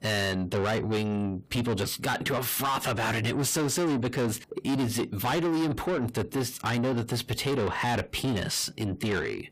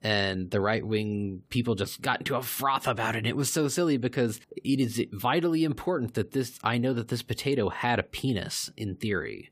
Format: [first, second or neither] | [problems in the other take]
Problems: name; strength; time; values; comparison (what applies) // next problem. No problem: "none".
second | distortion; heavy; 7 dB below the speech